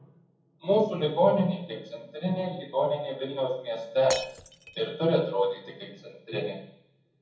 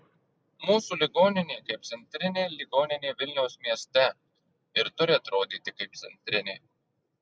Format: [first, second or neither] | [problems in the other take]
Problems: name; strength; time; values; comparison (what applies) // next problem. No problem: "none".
second | background sound (Shatter); 10 dB below the speech // room echo; dies away in 0.7 s